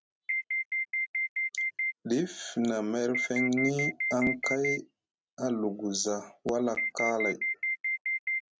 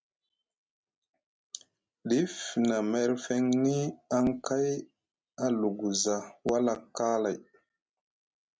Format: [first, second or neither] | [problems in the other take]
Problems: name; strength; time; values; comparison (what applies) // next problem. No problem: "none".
second | background sound (Alarm); 1 dB above the speech